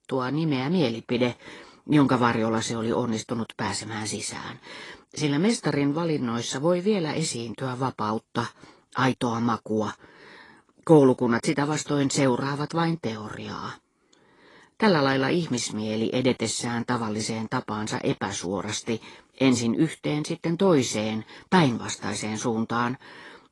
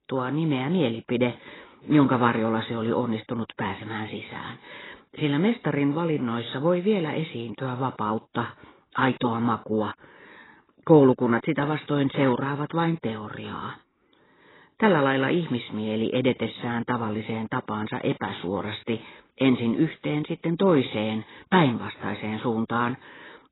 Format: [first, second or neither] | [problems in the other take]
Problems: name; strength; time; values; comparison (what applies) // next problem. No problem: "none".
first | garbled, watery; badly; nothing above 4 kHz; slightly in the first